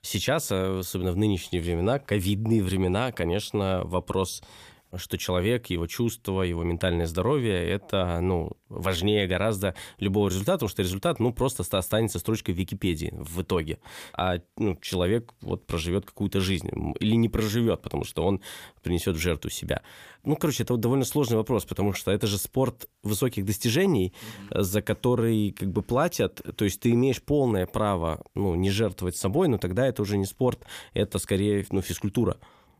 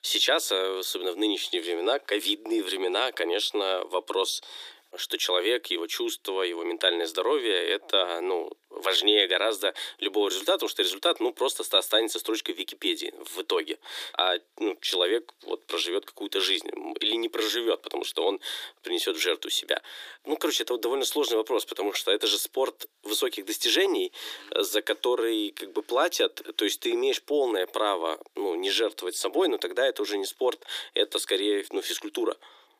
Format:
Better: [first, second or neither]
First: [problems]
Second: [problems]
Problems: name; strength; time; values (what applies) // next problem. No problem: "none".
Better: first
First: none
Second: thin; very; fading below 300 Hz